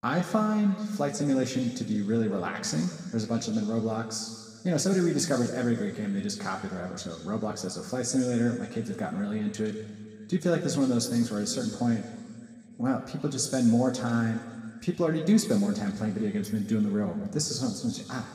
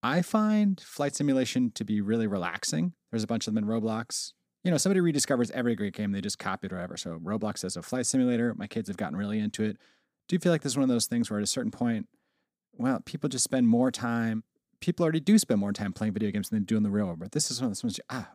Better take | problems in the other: second | room echo; noticeable; dies away in 2 s // off-mic speech; somewhat distant

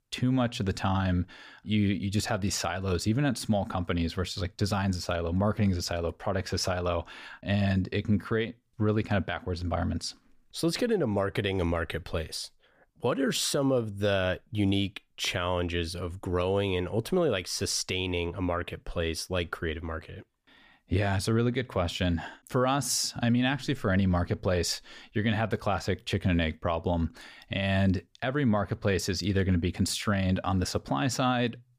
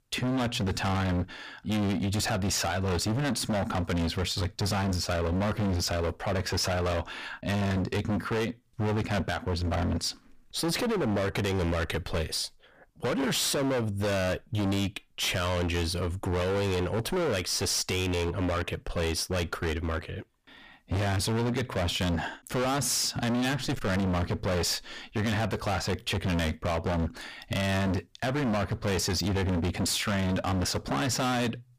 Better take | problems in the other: first | distortion; heavy; 33% of the sound clipped

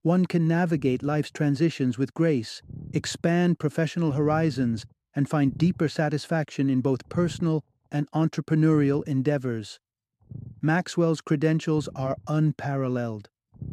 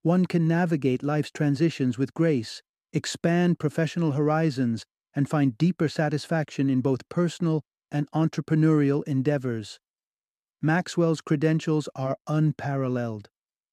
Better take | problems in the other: second | low rumble; faint; throughout; 25 dB below the speech

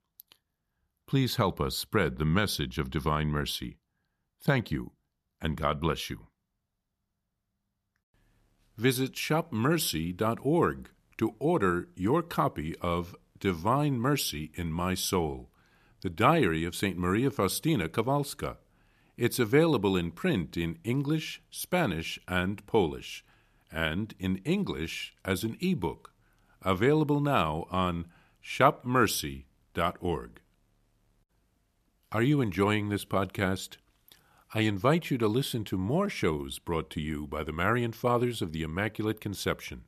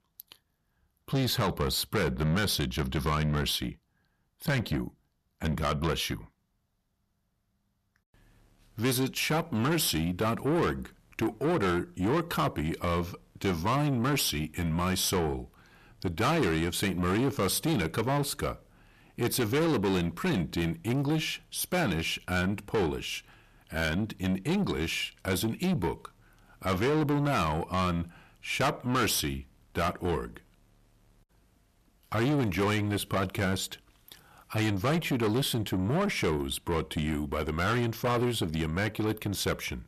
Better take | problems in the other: first | distortion; heavy; 6 dB below the speech

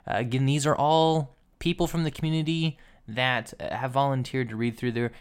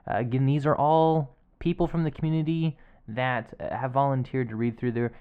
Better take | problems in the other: first | muffled; very; fading above 4 kHz

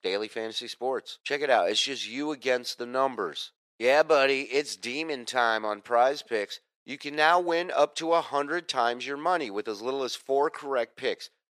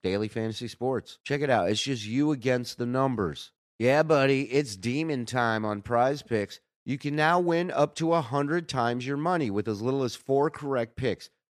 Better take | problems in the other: second | thin; somewhat; fading below 550 Hz

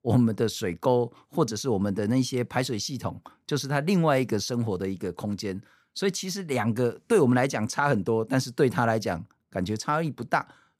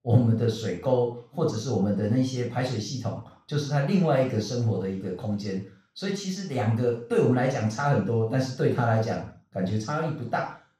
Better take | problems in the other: first | room echo; noticeable; dies away in 0.4 s // off-mic speech; far

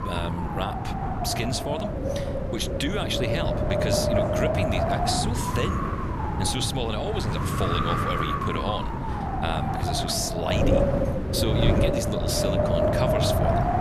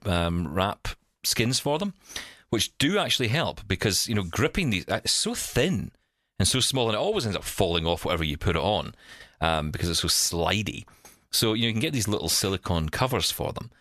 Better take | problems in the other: second | wind noise on the microphone; heavy; 3 dB above the speech

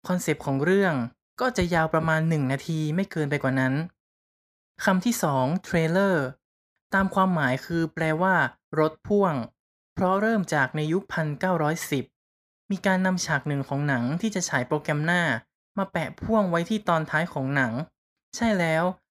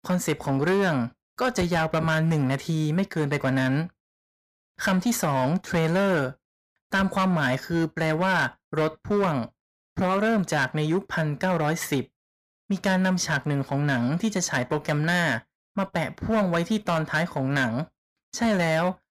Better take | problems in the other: first | distortion; slight; 10% of the sound clipped

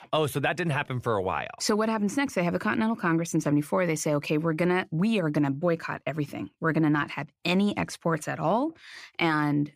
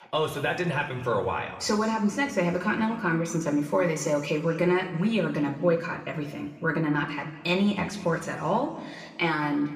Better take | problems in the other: first | room echo; slight; dies away in 1.8 s // off-mic speech; somewhat distant

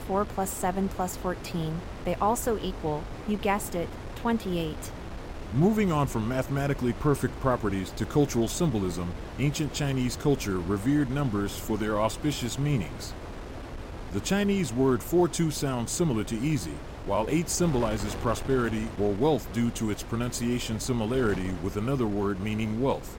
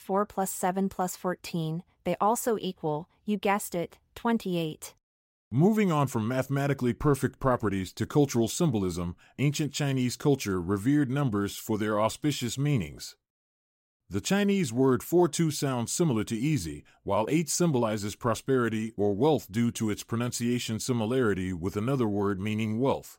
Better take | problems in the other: second | wind noise on the microphone; occasional gusts; 10 dB below the speech

